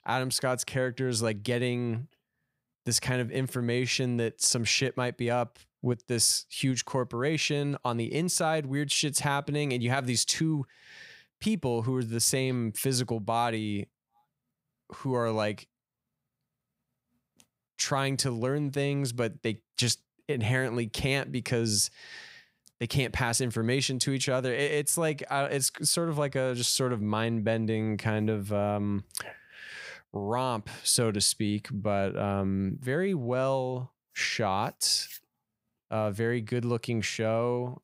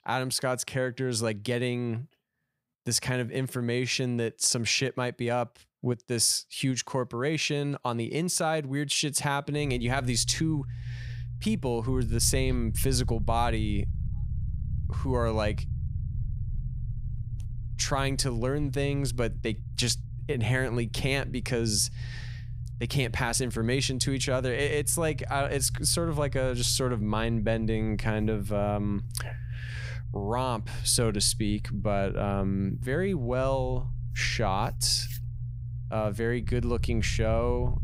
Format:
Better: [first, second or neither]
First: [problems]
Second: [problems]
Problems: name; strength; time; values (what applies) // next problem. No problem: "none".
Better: first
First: none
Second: low rumble; faint; from 9.5 s on; 20 dB below the speech